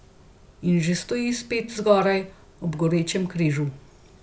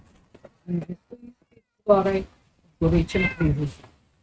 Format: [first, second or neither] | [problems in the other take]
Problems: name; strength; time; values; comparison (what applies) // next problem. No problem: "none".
first | noise reduction (neural mask model RNNoise)